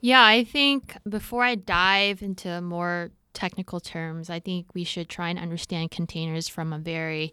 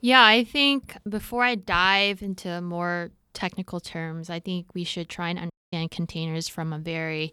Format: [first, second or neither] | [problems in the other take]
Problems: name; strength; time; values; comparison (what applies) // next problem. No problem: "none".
first | audio cutting out; at 5.5 s